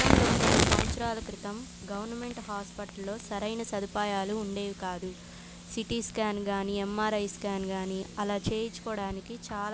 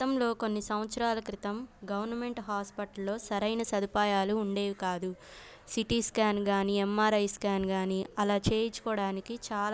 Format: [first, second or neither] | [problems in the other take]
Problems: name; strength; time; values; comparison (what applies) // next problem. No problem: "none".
second | background sound (Fire); as loud as the speech